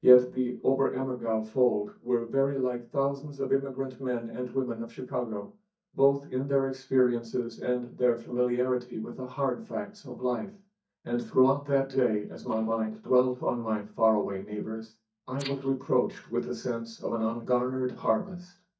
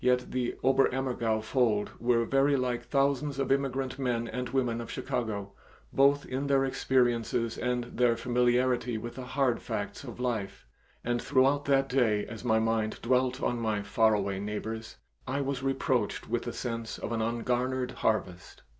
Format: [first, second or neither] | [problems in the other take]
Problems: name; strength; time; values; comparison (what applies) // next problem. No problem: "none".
second | noise reduction (neural mask model DeepFilterNet 3)